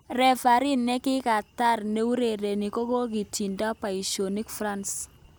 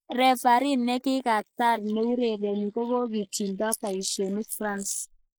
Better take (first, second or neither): first